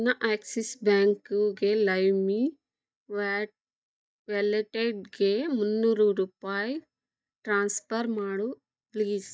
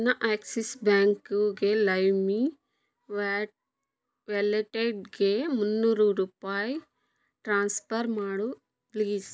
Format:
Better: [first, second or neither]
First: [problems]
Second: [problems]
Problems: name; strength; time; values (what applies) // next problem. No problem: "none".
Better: second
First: noise reduction (neural mask model DeepFilterNet 3)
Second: none